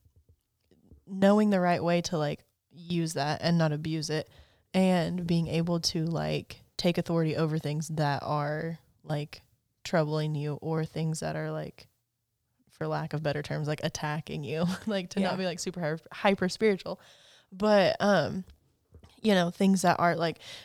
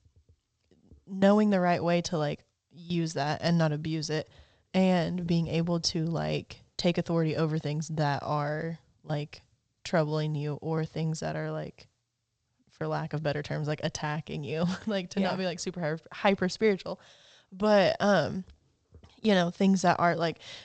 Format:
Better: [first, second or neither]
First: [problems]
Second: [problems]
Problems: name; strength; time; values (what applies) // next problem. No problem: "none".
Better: first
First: none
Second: garbled, watery; slightly; nothing above 7.5 kHz